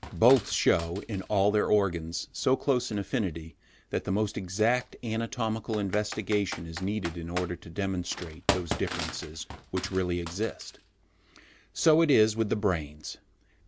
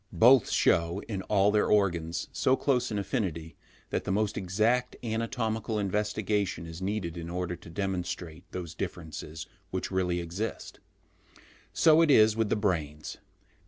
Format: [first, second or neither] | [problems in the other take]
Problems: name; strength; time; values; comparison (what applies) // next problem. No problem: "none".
second | background sound (Computer keyboard); 13 dB below the speech